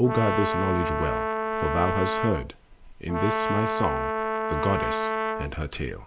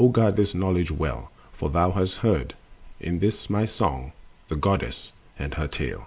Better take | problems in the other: second | background sound (Brass instrument); as loud as the speech

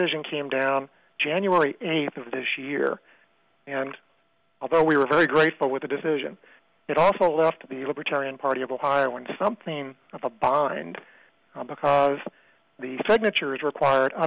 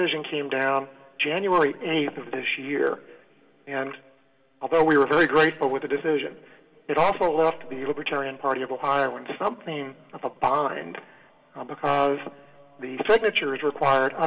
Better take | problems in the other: first | room echo; dies away in 2.6 s

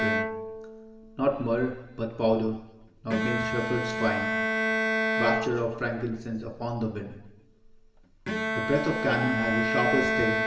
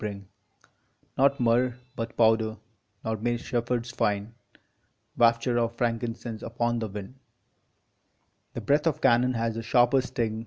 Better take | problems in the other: second | background sound (Bowed string instrument); as loud as the speech // room echo; dies away in 1 s

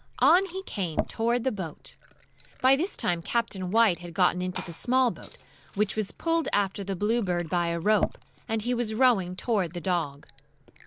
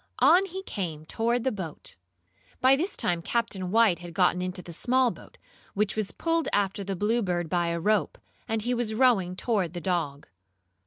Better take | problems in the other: second | background sound (Fill (with liquid) / Glass); 14 dB below the speech

